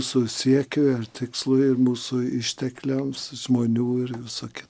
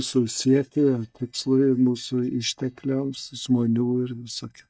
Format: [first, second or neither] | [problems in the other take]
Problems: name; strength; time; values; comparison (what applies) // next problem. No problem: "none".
first | noise reduction (neural mask model DeepFilterNet 3)